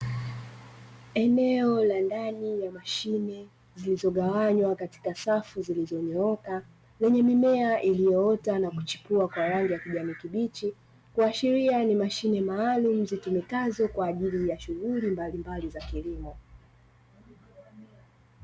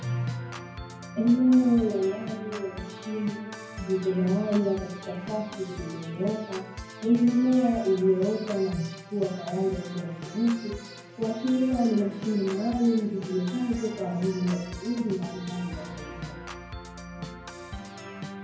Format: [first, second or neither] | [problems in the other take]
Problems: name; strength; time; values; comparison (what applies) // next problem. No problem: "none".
first | background sound (Organ); 13 dB below the speech // room echo; dies away in 0.9 s